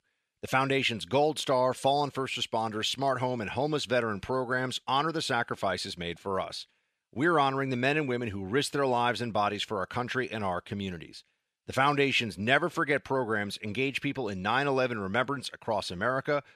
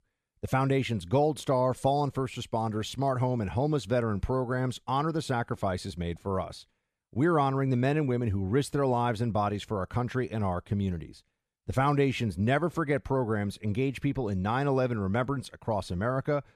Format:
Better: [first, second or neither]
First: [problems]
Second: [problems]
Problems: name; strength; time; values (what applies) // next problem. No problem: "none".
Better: second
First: thin; very slightly; fading below 700 Hz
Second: none